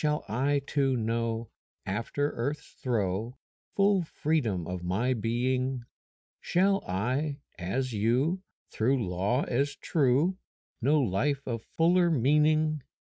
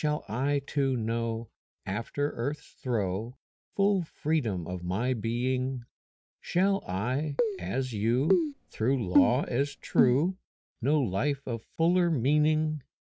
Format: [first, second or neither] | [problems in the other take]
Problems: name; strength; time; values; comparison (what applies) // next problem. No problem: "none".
first | background sound (Keyboard (musical)); 1 dB below the speech